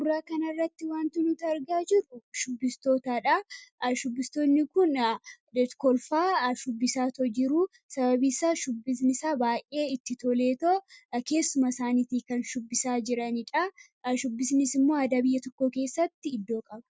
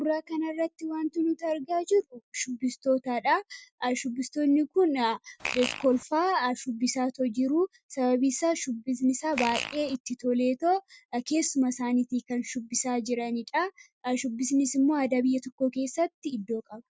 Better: first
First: none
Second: background sound (Fart); 7 dB below the speech

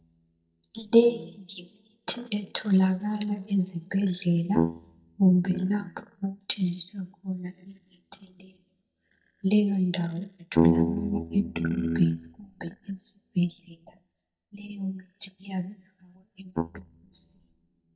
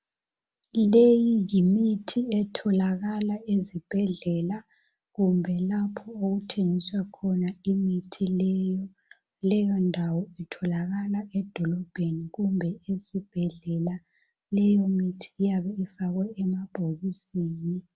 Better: second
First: noise reduction (neural mask model DeepFilterNet 3)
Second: none

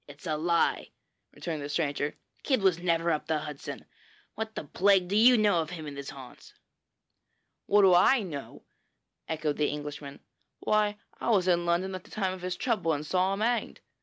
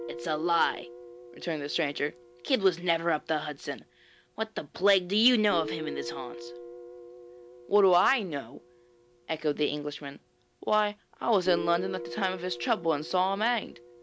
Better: first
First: none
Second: background sound (Guitar); 14 dB below the speech

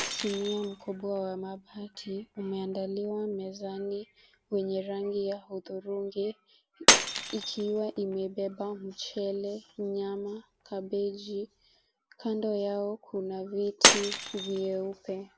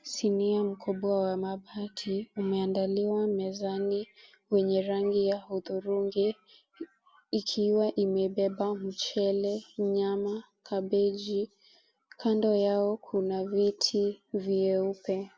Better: second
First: background sound (Shatter); as loud as the speech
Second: none

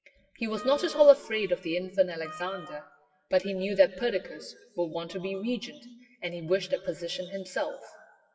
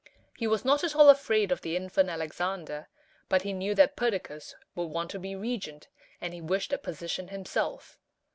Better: second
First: noise reduction (classical method WPE with log-MMSE)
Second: none

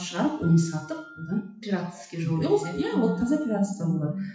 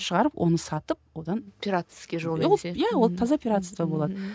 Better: second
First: noise reduction (classical method WPE with log-MMSE)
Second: none

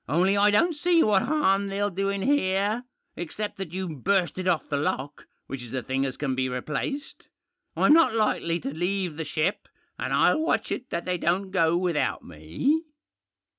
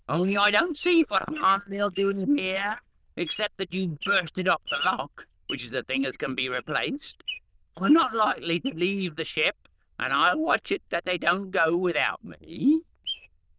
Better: first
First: none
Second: noise reduction (neural diffusion model UNIVERSE++)

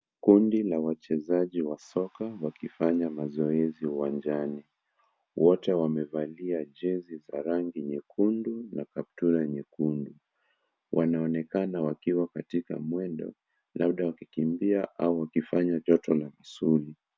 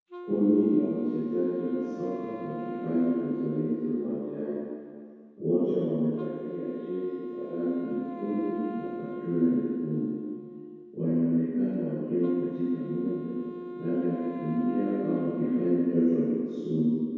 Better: first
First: none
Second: background sound (Wind instrument, woodwind instrument); 13 dB below the speech // room echo; dies away in 2 s

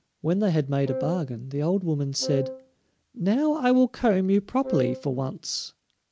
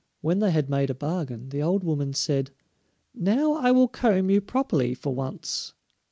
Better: second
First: background sound (Wind instrument, woodwind instrument); 8 dB below the speech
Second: none

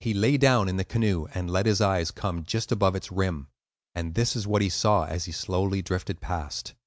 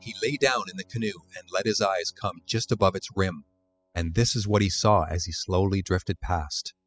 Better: first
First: none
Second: noise reduction (classical method spectral subtraction)

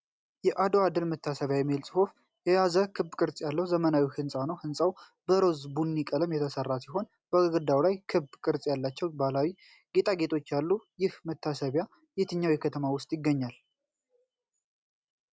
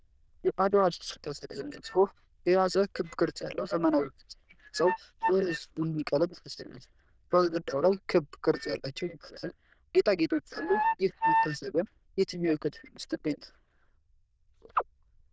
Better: first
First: none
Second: noise reduction (neural diffusion model UNIVERSE++)

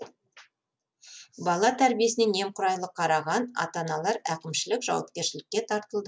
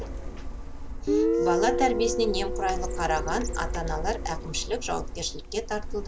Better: first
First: none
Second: background sound (Guitar + Printer); 1 dB above the speech

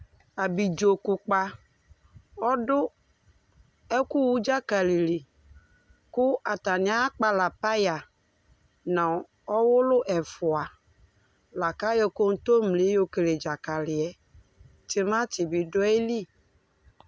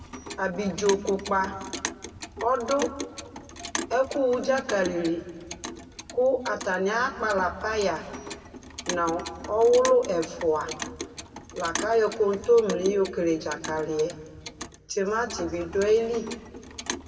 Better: first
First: none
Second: background sound (Clock); 12 dB below the speech // room echo; dies away in 1.6 s

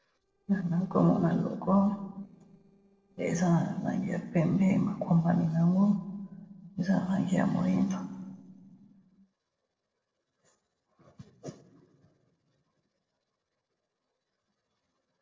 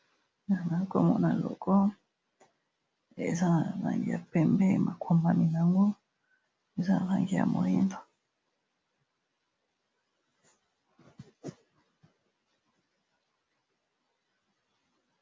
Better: second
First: noise reduction (neural separator model SepFormer DNS4)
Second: none

